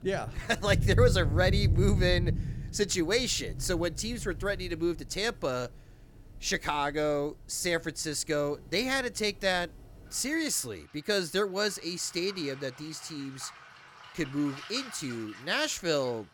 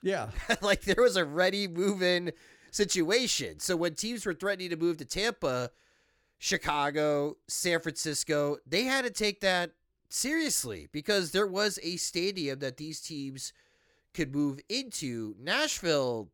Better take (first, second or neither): second